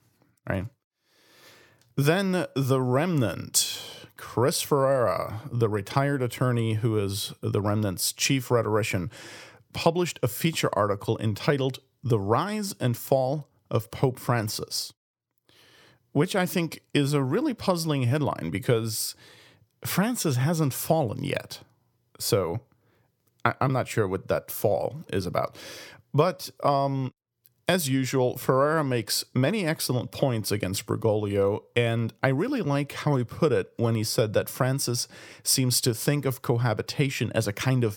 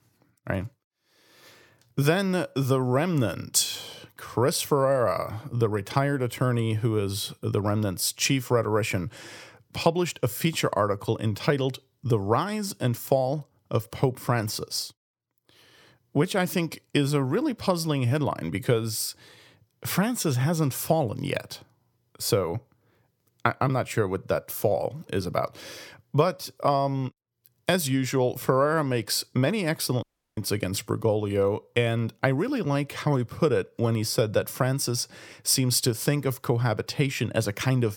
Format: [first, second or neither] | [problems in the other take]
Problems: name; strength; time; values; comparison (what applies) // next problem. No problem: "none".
first | audio cutting out; at 30 s